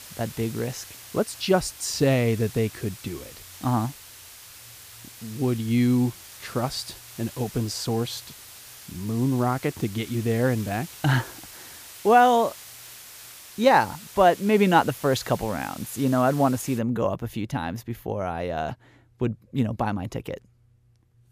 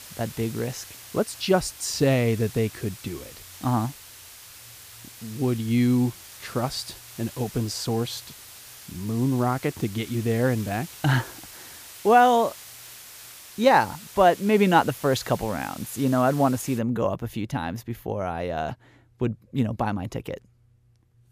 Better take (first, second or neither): neither